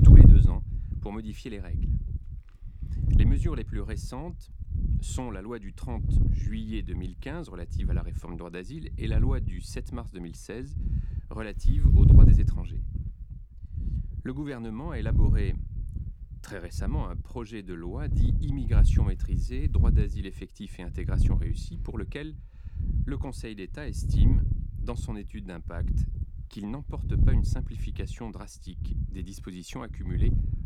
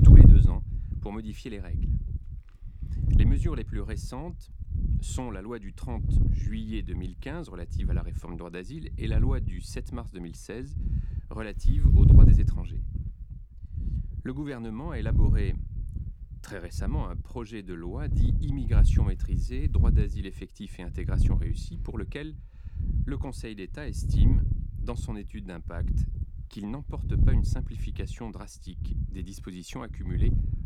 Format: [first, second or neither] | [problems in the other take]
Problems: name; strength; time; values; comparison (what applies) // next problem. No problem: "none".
neither | wind noise on the microphone; heavy; 1 dB above the speech; the same in both